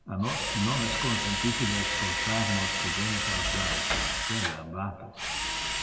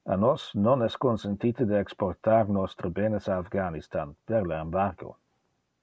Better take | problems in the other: second | background sound (Drill); 2 dB above the speech // room echo; dies away in 1.6 s

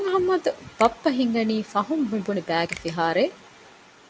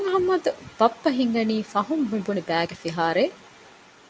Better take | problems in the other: second | background sound (Finger snapping); 20 dB below the speech

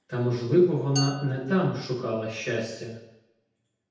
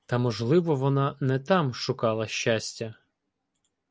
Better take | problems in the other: second | background sound (Glass); 14 dB below the speech // room echo; dies away in 0.9 s

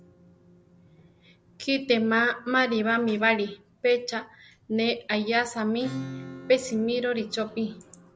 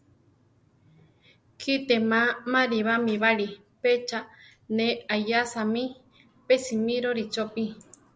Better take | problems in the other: second | background sound (Acoustic guitar / Strum); 17 dB below the speech

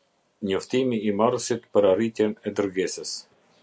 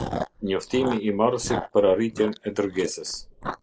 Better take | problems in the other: first | noise reduction (neural mask model Resemble Enhance denoiser)

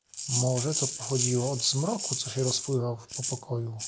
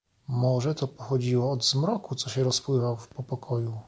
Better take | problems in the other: second | background sound (Rattle (instrument)); 4 dB below the speech

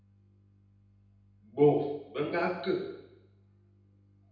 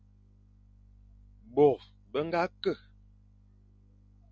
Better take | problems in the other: second | room echo; dies away in 0.9 s

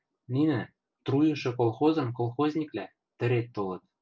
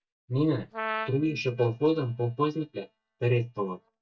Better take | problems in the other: first | noise reduction (neural mask model DeepFilterNet 3)

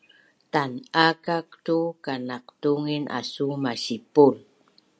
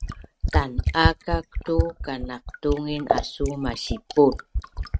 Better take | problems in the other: first | noise reduction (neural mask model RNNoise)

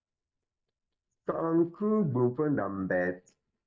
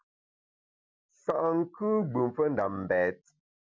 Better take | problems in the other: second | noise reduction (neural mask model DeepFilterNet 3)

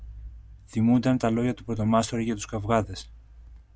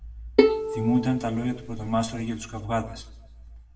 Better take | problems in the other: first | background sound (Bowed string instrument); 2 dB above the speech // room echo; dies away in 0.7 s

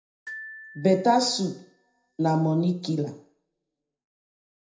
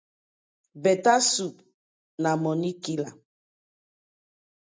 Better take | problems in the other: second | background sound (Glockenspiel); 18 dB below the speech // room echo; dies away in 0.5 s

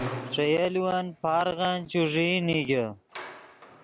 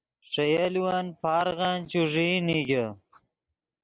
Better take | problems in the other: second | background sound (Squeak); 14 dB below the speech

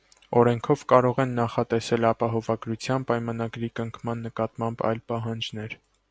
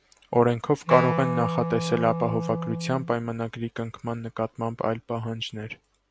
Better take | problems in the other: first | background sound (Wind instrument, woodwind instrument); 4 dB below the speech

